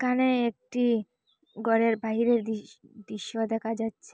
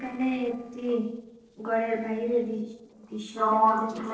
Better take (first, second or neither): first